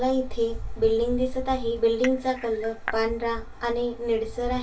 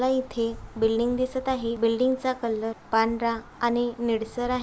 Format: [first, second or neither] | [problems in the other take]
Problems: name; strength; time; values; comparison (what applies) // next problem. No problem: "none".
second | background sound (Cutlery, silverware / Dishes, pots, and pans / Chink, clink); 12 dB below the speech // room echo; dies away in 0.2 s